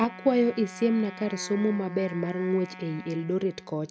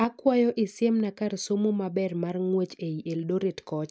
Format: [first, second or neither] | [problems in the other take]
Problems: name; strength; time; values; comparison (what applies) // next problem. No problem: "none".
second | background sound (Wind instrument, woodwind instrument); 16 dB below the speech